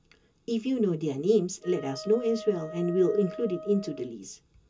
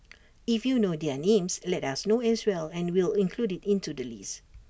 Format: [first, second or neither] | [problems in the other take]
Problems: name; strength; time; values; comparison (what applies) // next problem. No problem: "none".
second | background sound (Wind instrument, woodwind instrument); 15 dB below the speech // room echo; dies away in 0.2 s